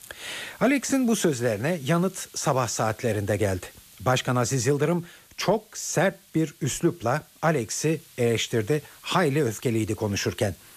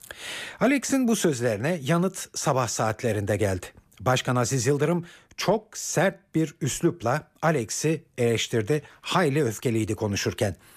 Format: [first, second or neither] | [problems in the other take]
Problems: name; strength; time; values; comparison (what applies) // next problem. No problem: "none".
second | hiss; faint; throughout; 25 dB below the speech